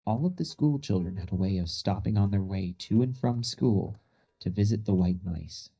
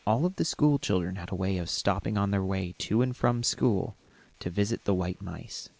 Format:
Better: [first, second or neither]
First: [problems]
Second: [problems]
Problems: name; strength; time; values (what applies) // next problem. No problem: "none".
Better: second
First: noise reduction (neural mask model DeepFilterNet 3)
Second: none